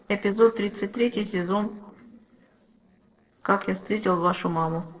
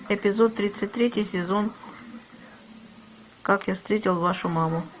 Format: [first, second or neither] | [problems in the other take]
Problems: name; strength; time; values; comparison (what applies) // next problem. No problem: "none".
second | noise reduction (neural separator model SepFormer DNS4)